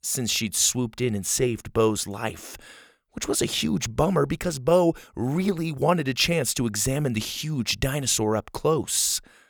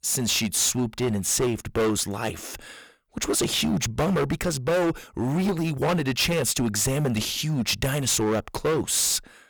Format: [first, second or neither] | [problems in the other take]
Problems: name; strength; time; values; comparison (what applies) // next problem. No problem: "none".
first | distortion; heavy; 16% of the sound clipped